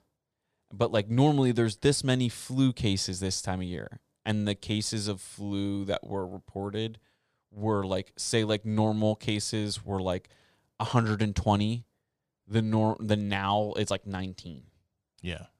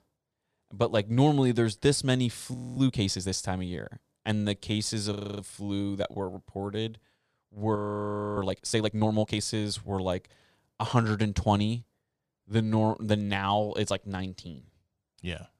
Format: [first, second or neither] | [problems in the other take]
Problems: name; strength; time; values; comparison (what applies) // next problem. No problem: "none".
first | audio freezing; at 2.5 s, at 5 s and at 8 s for 0.5 s